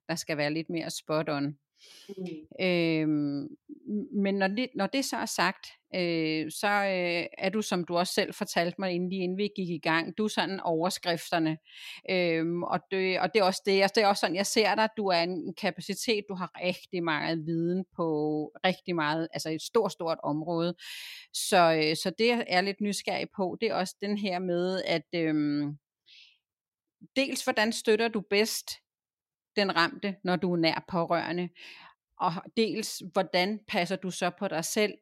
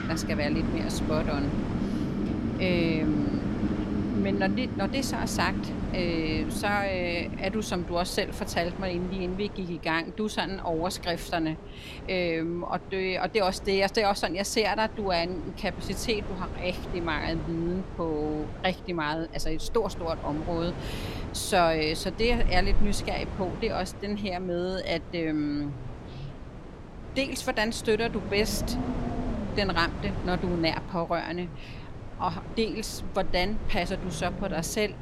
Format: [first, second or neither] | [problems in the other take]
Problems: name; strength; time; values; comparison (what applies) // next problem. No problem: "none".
first | wind in the background; loud; throughout; 6 dB below the speech